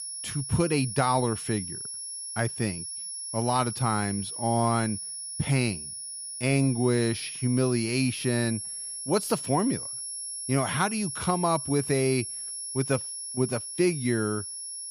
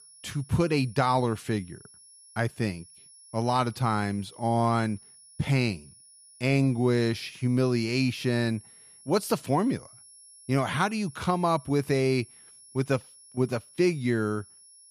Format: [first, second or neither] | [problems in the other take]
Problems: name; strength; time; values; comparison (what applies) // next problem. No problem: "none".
second | high-pitched whine; loud; throughout; 10.5 kHz, 6 dB below the speech; faint in the second